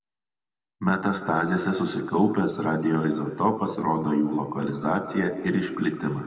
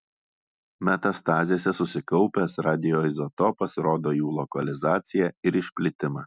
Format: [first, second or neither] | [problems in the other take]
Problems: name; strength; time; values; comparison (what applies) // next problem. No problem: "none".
second | room echo; dies away in 2 s